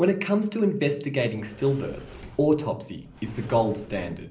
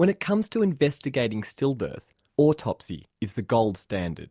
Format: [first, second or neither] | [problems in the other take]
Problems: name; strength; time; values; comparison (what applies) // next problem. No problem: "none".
second | background sound (Sliding door); 20 dB below the speech // room echo; dies away in 0.5 s